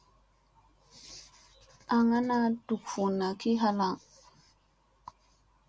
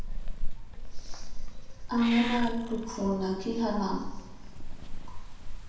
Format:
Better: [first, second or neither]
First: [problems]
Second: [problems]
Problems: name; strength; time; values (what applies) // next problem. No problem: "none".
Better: first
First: none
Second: background sound (Meow / Purr); 1 dB above the speech // room echo; dies away in 0.9 s